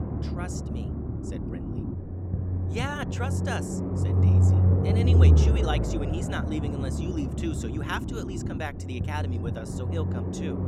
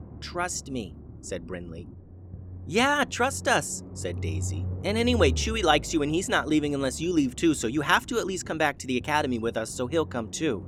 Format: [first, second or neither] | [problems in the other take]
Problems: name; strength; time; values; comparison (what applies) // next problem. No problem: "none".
second | low rumble; loud; throughout; 1 dB below the speech; faint in the second